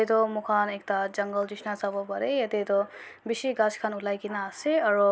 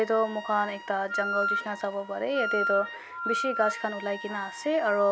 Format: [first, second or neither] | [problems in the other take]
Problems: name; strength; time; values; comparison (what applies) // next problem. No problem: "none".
first | background sound (Wind instrument, woodwind instrument); 5 dB below the speech